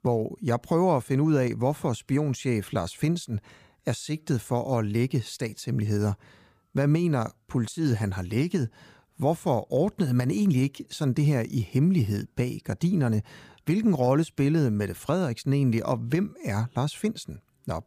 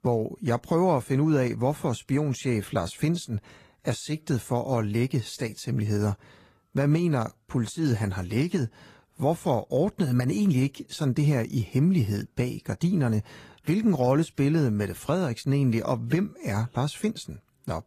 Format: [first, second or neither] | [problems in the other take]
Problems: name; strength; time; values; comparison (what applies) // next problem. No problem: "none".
first | garbled, watery; slightly; nothing above 15 kHz